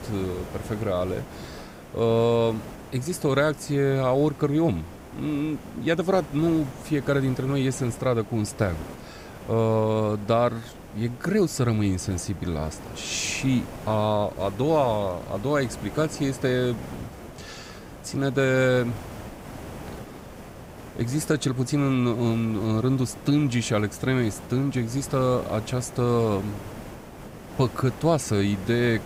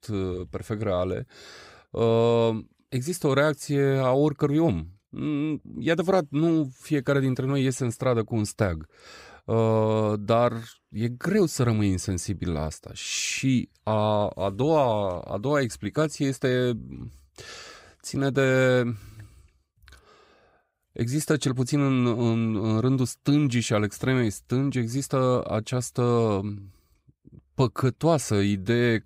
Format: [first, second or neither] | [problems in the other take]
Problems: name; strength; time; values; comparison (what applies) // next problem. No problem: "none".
second | hiss; noticeable; throughout; 15 dB below the speech